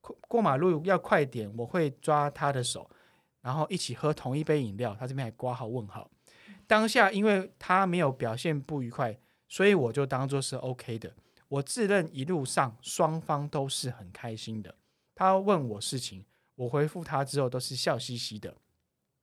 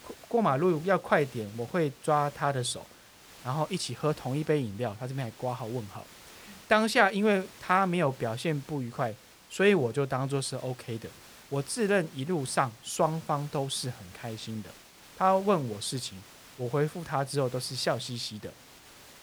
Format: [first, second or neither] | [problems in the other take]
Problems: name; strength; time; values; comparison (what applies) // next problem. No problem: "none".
first | hiss; faint; throughout; 20 dB below the speech